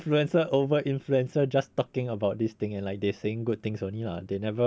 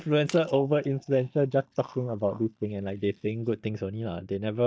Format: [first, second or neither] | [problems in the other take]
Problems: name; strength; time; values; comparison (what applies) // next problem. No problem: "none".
first | noise reduction (neural mask model DeepFilterNet 3)